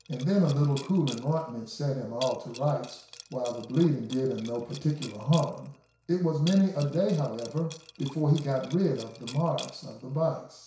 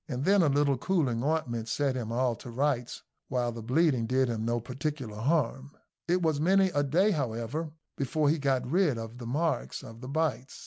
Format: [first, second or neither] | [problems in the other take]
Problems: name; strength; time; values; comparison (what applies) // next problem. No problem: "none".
second | background sound (Liquid); 19 dB below the speech // room echo; dies away in 0.6 s